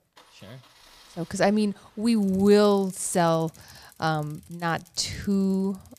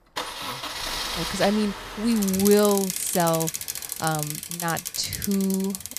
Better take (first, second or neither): first